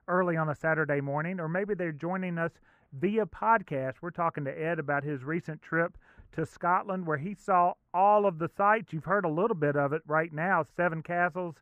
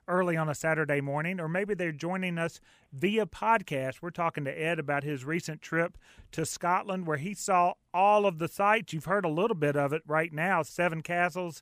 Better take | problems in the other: second | muffled; very; fading above 2.5 kHz

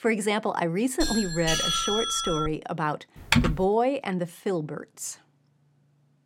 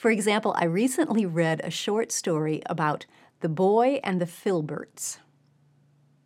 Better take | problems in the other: second | doorbell; loud; from 1 to 2.5 s; peak 4 dB above the speech // keyboard typing; loud; at 3.5 s; peak 5 dB above the speech

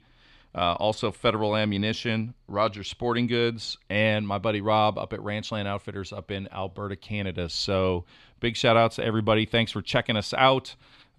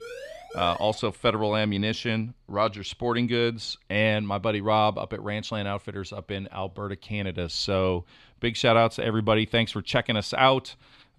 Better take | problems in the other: first | siren; faint; at the start; peak 15 dB below the speech

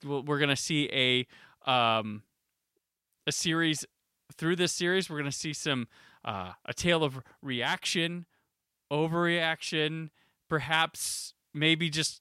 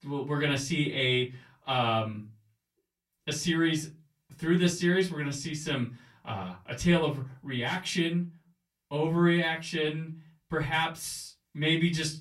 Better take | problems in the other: first | off-mic speech; far // room echo; very slight; dies away in 0.3 s

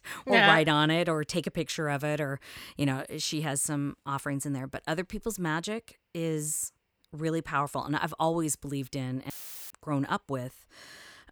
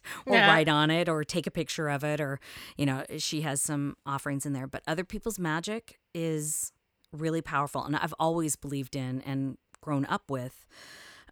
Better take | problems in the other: second | audio cutting out; filled with static; at 9.5 s

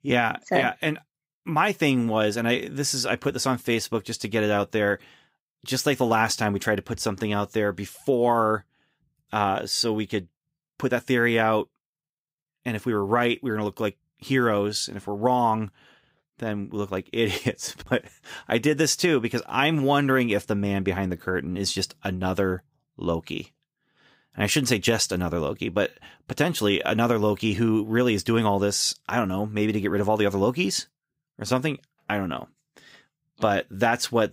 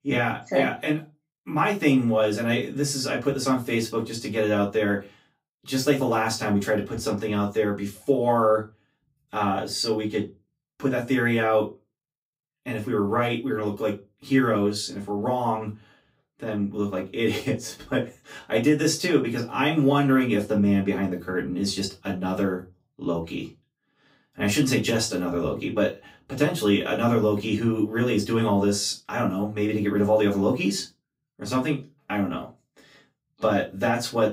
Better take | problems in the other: first | off-mic speech; far // room echo; very slight; dies away in 0.2 s

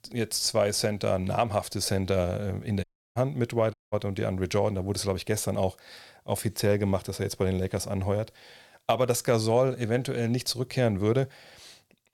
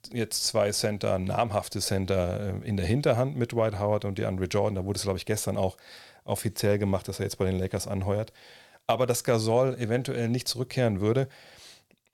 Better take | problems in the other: second | audio cutting out; at 3 s and at 3.5 s

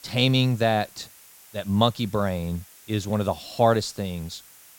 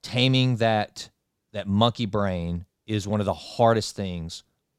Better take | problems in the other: second | hiss; faint; throughout; 25 dB below the speech

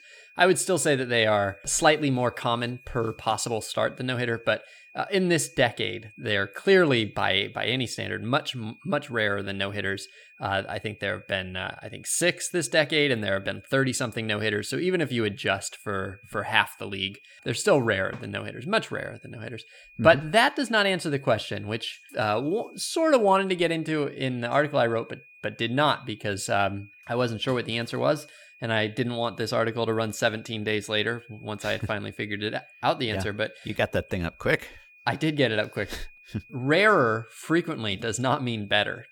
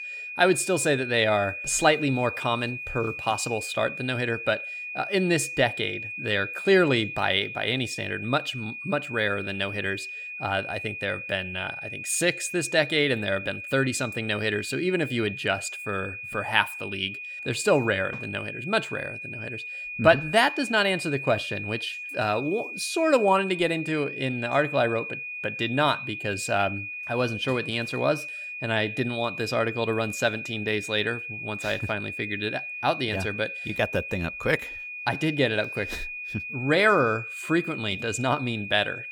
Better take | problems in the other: first | high-pitched whine; loud; throughout; 2.5 kHz, 7 dB below the speech; faint in the first

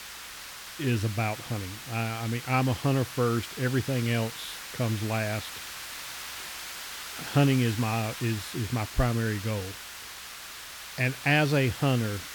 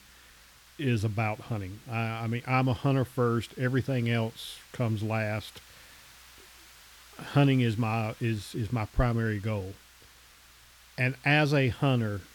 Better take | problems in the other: second | hiss; loud; throughout; 10 dB below the speech; faint in the second

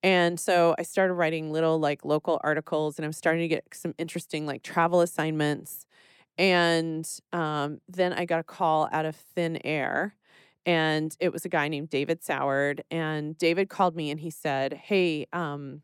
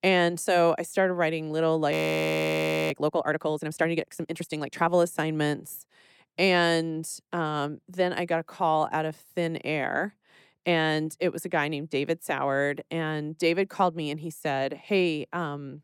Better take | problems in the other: first | audio freezing; at 2 s for 1 s

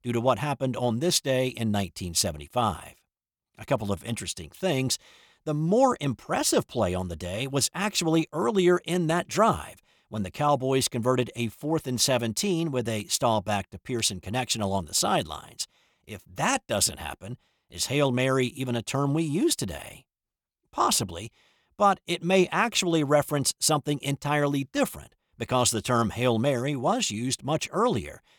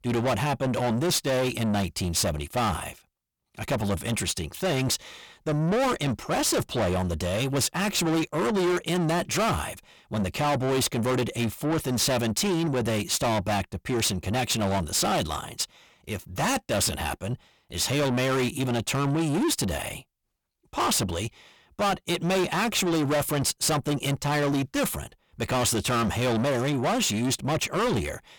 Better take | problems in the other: first | distortion; heavy; 5 dB below the speech

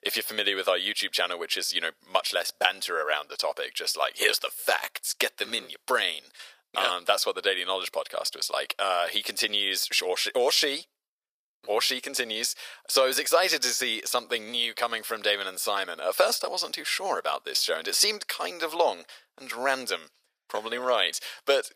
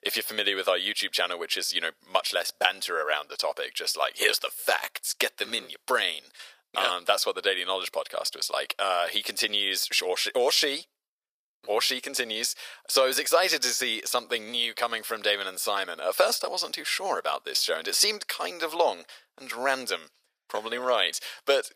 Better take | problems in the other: neither | thin; very; fading below 500 Hz; the same in both

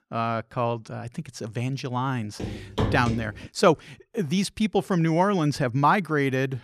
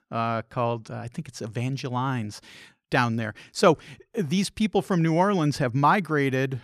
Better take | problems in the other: second | footsteps; noticeable; from 2.5 to 3.5 s; peak 2 dB below the speech

